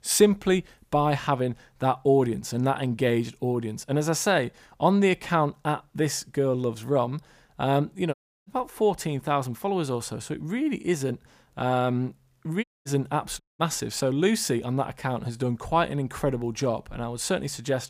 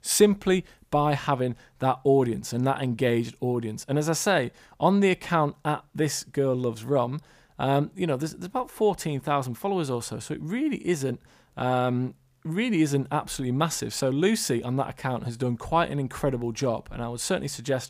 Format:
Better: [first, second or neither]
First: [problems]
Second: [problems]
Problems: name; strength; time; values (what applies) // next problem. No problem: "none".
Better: second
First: audio cutting out; at 8 s and at 13 s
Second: none